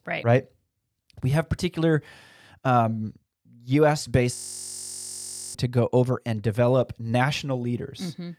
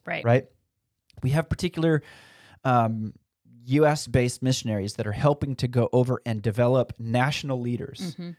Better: second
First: audio freezing; at 4.5 s for 1 s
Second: none

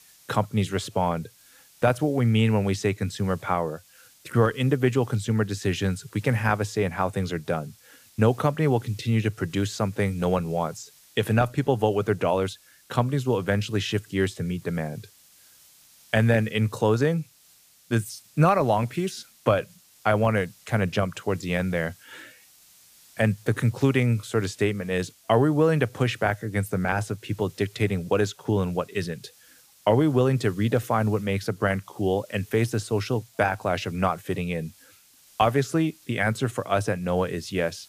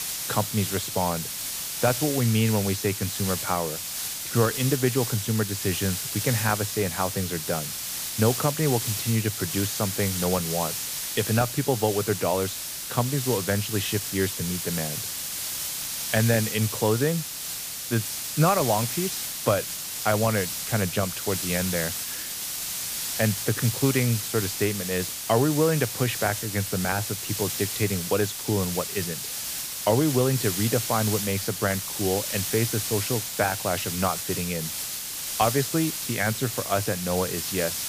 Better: first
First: hiss; faint; throughout; 25 dB below the speech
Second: hiss; loud; throughout; 2 dB below the speech

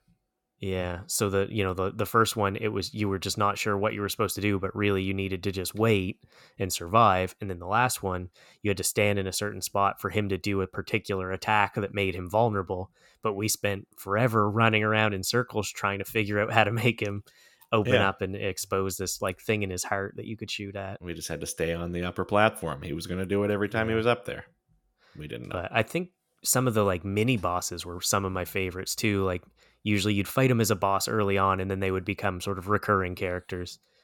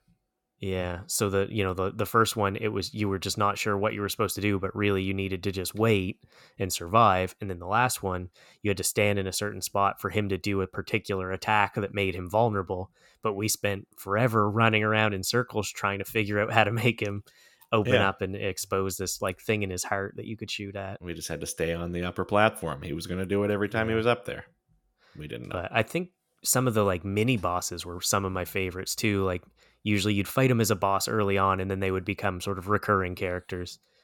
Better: neither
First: none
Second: none

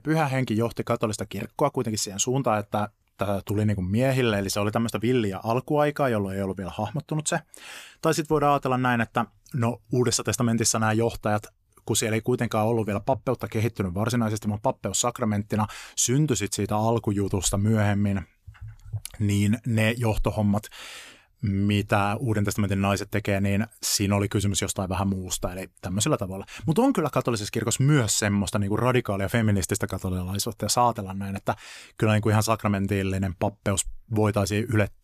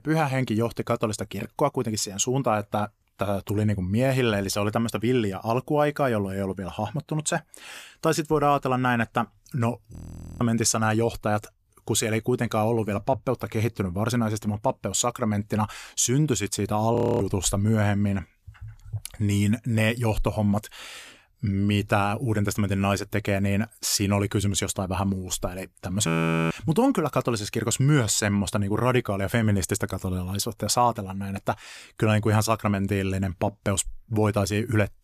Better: first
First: none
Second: audio freezing; at 10 s, at 17 s and at 26 s

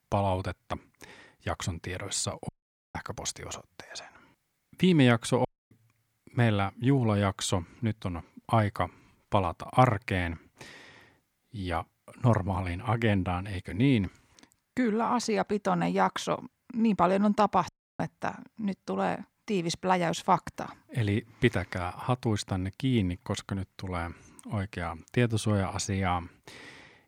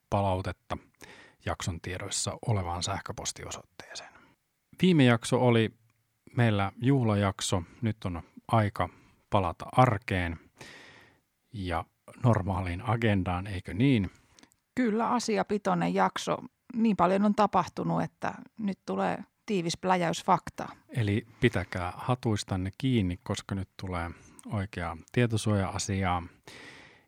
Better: second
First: audio cutting out; at 2.5 s, at 5.5 s and at 18 s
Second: none

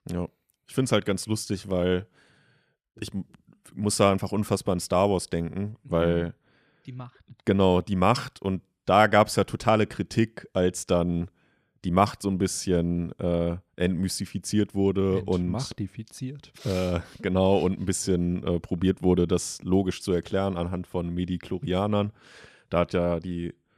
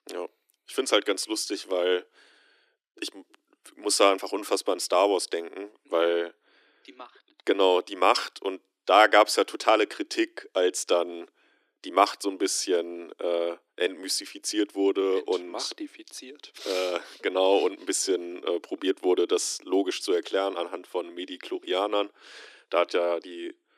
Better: first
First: none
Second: thin; somewhat; fading below 300 Hz

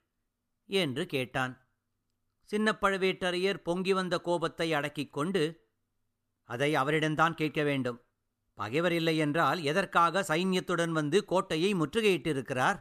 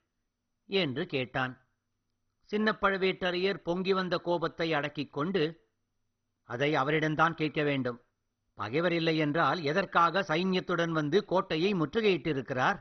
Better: first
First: none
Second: garbled, watery; badly; nothing above 6 kHz

